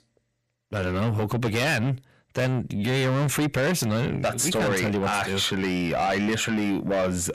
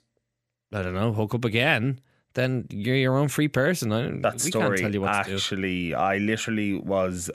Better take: second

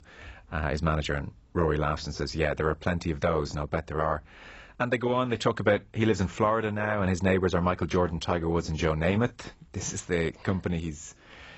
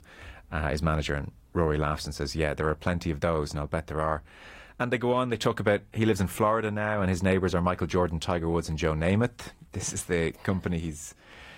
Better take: second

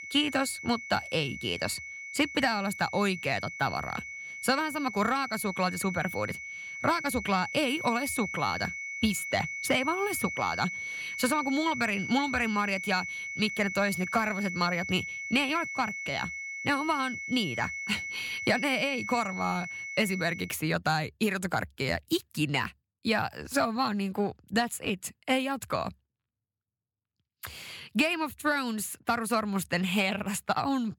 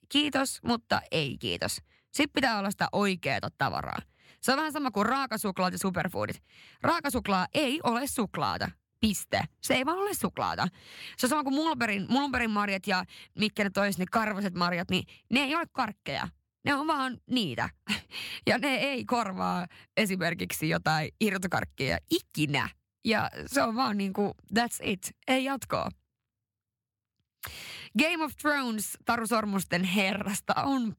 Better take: second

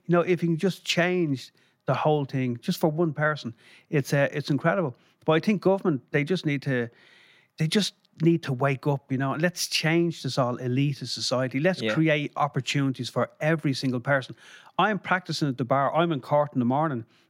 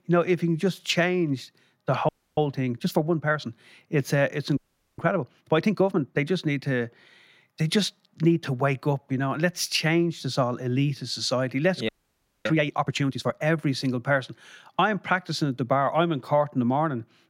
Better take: first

